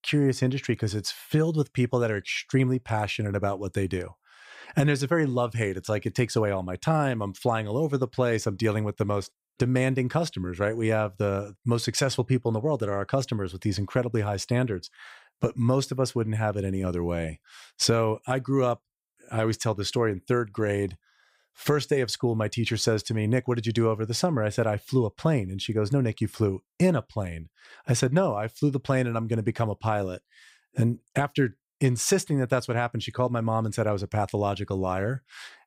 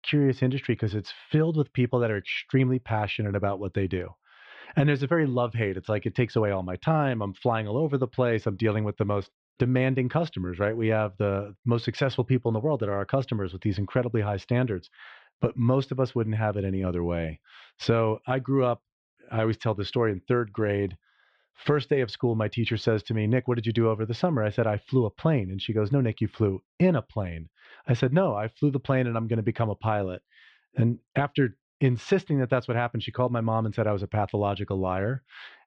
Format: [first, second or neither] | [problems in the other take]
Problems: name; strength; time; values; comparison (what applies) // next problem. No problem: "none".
first | muffled; slightly; fading above 3.5 kHz